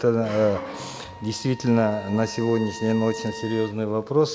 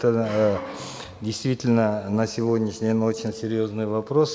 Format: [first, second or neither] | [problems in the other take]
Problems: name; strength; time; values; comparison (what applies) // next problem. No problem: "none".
second | background sound (Trumpet); 17 dB below the speech